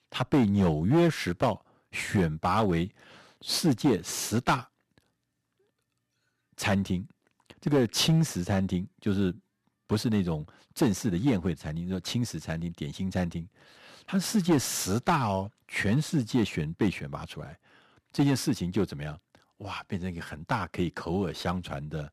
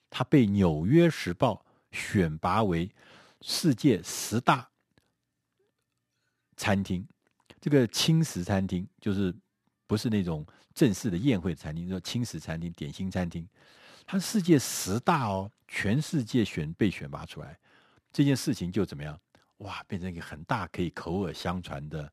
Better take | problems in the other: second | distortion; slight; 3% of the sound clipped

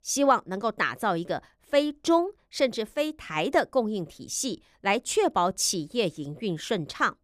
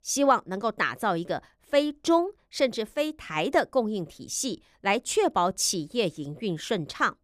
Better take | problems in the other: neither | none

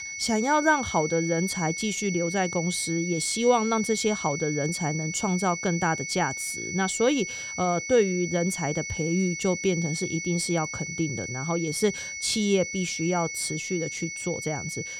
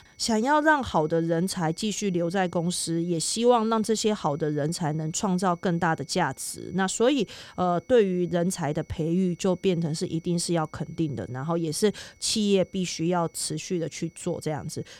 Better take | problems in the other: second | high-pitched whine; loud; throughout; 2 kHz, 6 dB below the speech; faint in the second

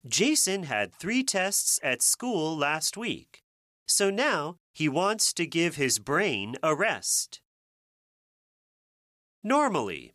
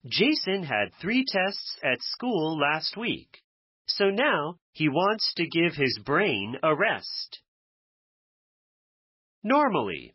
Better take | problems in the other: first | garbled, watery; badly; nothing above 5.5 kHz

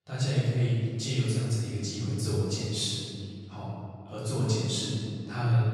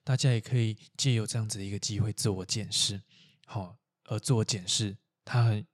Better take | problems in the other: second | off-mic speech; far // room echo; strong; dies away in 2.4 s

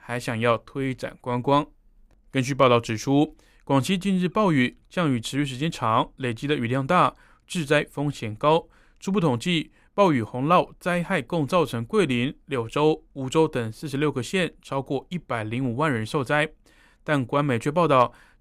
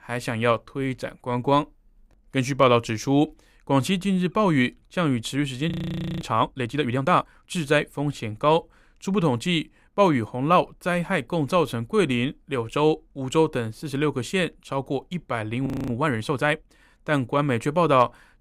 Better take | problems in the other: first | audio freezing; at 5.5 s for 0.5 s and at 16 s

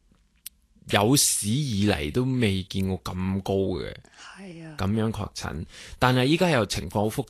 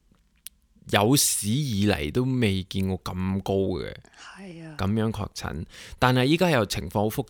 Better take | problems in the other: second | garbled, watery; slightly; nothing above 12.5 kHz

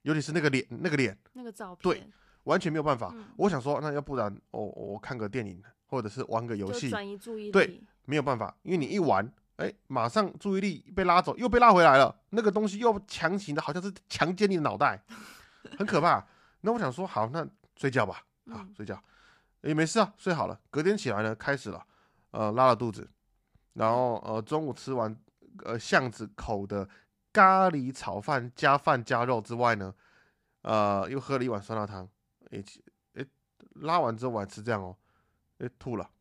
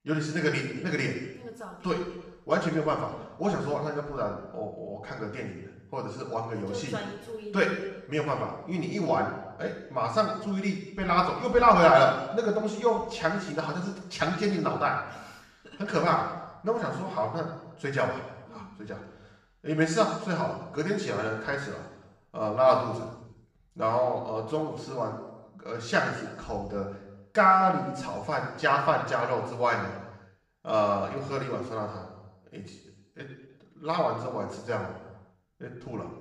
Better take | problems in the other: first | room echo; noticeable; dies away in 0.9 s // off-mic speech; far

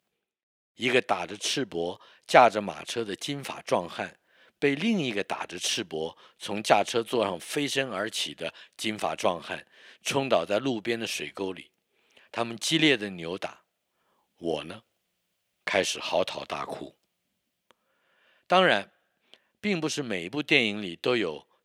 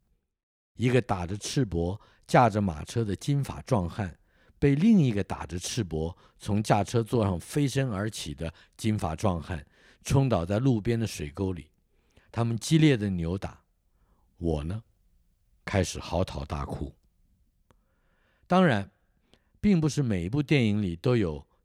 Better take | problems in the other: second | thin; somewhat; fading below 350 Hz

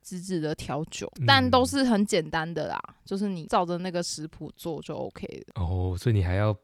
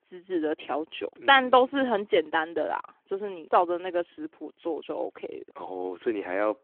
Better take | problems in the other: first | phone-call audio; nothing above 3.5 kHz

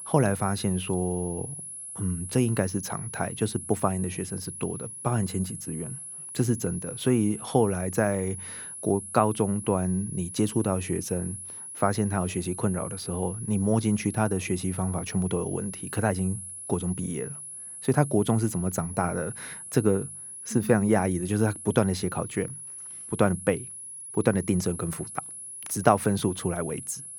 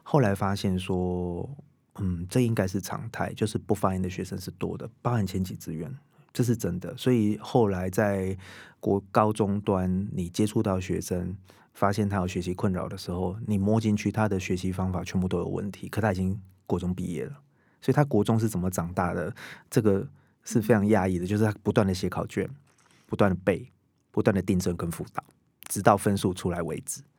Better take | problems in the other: second | high-pitched whine; loud; throughout; 10.5 kHz, 9 dB below the speech

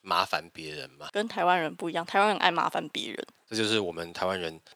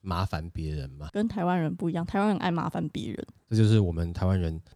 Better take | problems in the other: second | thin; very; fading below 550 Hz

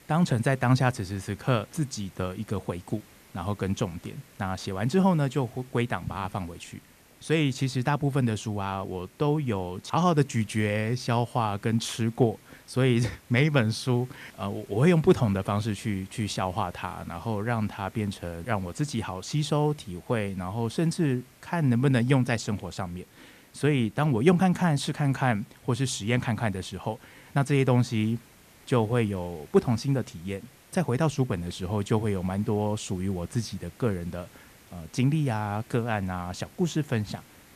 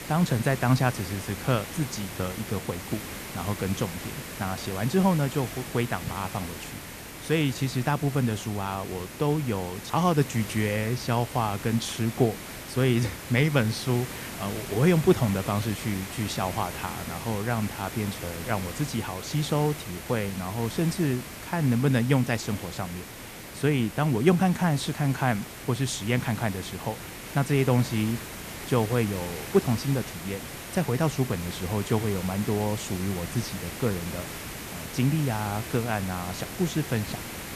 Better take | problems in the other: first | hiss; loud; throughout; 10 dB below the speech; faint in the first

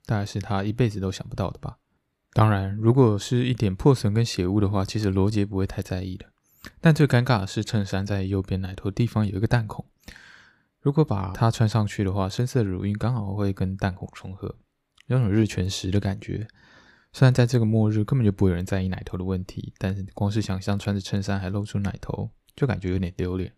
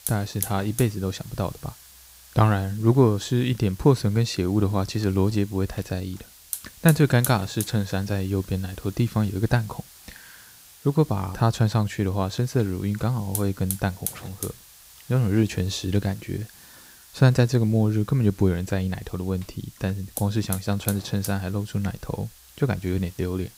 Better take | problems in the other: first | hiss; noticeable; throughout; 15 dB below the speech

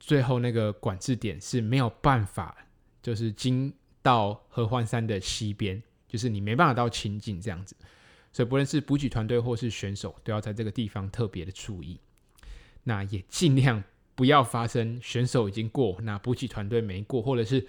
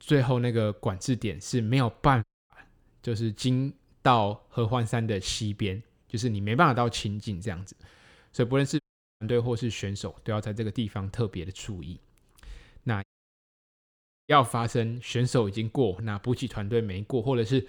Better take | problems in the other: first | audio cutting out; at 2 s, at 9 s and at 13 s for 1 s

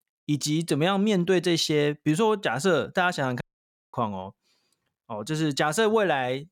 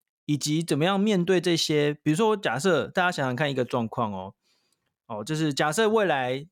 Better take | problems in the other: second | audio cutting out; at 3.5 s for 0.5 s

